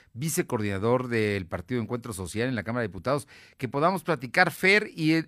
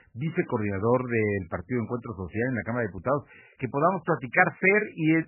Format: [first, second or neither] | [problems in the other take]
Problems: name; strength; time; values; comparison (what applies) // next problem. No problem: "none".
first | garbled, watery; badly; nothing above 2.5 kHz